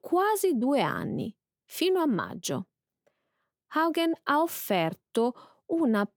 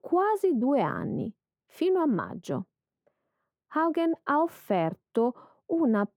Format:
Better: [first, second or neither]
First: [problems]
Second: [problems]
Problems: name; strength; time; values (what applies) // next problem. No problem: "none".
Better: first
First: none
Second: muffled; very; fading above 2.5 kHz